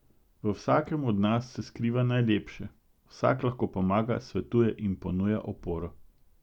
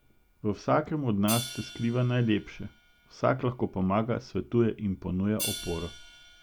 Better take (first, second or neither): first